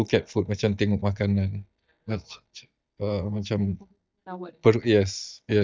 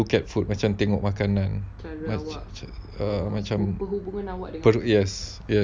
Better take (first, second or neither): second